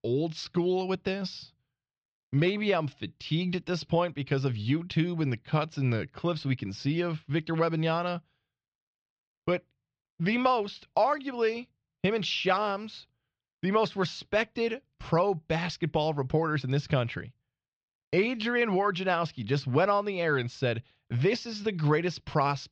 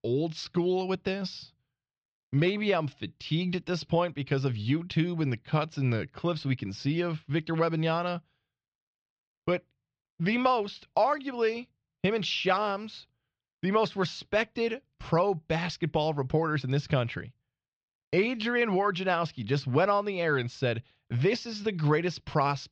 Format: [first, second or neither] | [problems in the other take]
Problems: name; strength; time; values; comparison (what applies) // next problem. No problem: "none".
neither | muffled; slightly; fading above 4 kHz; the same in both